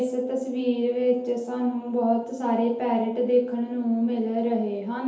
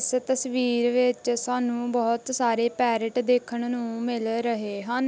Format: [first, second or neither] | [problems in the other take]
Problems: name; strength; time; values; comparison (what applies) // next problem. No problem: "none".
second | room echo; dies away in 2.2 s